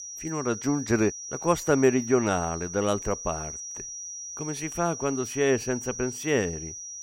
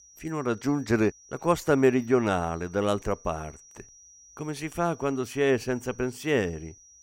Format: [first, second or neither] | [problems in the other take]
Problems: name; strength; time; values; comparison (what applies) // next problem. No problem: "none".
second | high-pitched whine; loud; throughout; 6 kHz, 8 dB below the speech; faint in the second